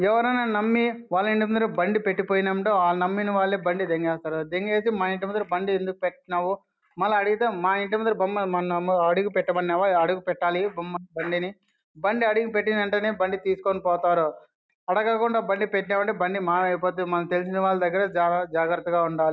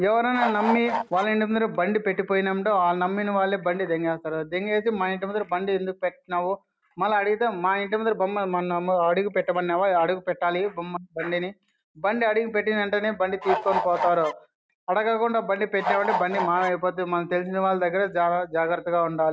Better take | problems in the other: first | background sound (Bird / Fowl); 3 dB below the speech

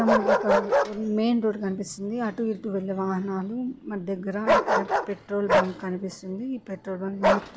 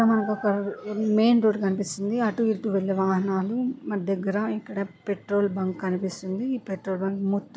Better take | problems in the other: second | background sound (Bark); 1 dB above the speech

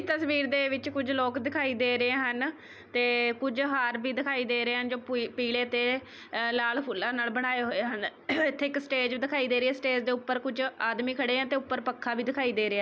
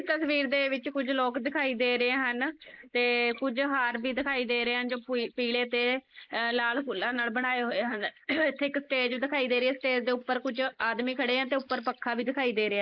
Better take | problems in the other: first | noise reduction (neural mask model Resemble Enhance denoiser)

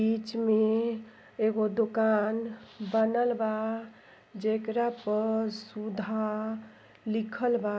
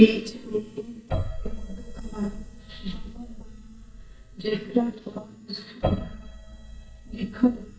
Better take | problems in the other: first | noise reduction (neural mask model DeepFilterNet 3)

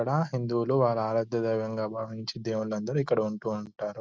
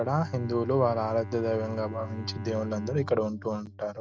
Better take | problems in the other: first | background sound (Bowed string instrument); 11 dB below the speech

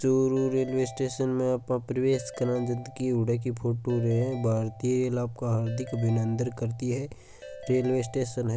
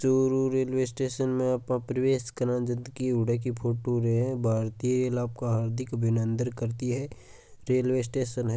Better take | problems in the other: second | background sound (Ringtone / Keyboard (musical)); 18 dB below the speech

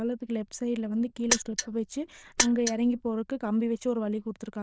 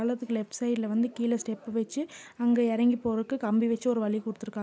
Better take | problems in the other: second | noise reduction (neural diffusion model UNIVERSE++)

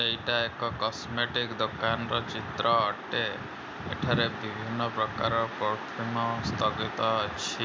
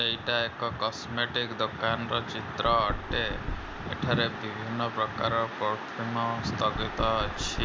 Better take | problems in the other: first | background sound (Knock); 11 dB below the speech

